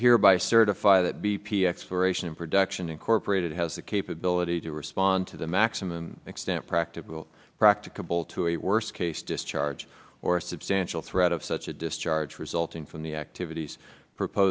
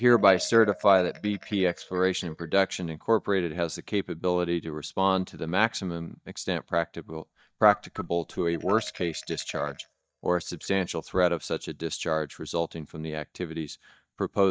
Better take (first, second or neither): first